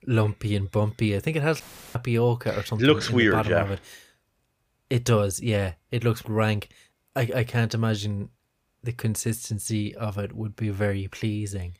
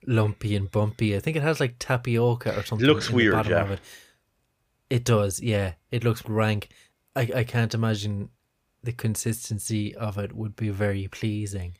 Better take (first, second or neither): second